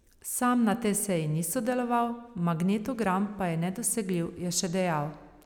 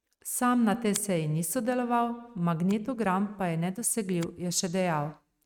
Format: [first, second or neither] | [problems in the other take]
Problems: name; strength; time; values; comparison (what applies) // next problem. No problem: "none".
first | noise reduction (neural mask model RNNoise)